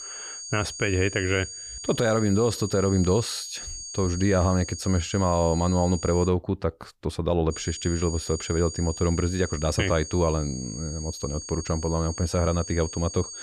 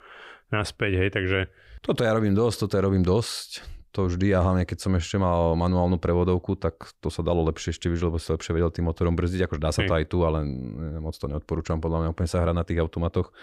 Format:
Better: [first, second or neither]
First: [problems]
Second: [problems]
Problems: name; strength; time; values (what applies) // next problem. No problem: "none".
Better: second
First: high-pitched whine; loud; until 6.5 s and from 7.5 s on; 6.5 kHz, 10 dB below the speech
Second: none